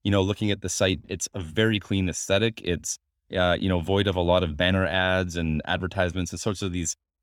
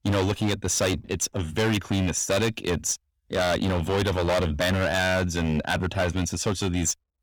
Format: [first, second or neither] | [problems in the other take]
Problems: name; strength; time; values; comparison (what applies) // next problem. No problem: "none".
first | distortion; heavy; 17% of the sound clipped